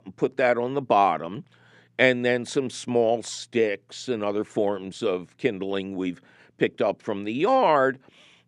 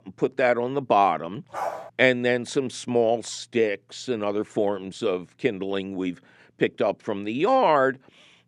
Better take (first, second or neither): first